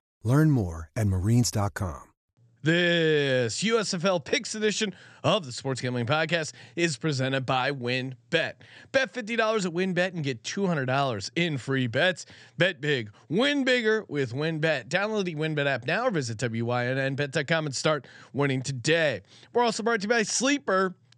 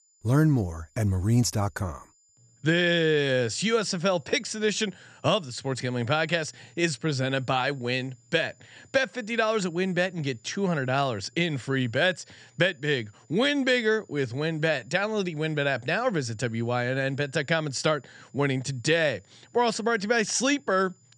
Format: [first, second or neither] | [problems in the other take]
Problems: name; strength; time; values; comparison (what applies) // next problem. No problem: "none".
first | high-pitched whine; faint; throughout; 7 kHz, 35 dB below the speech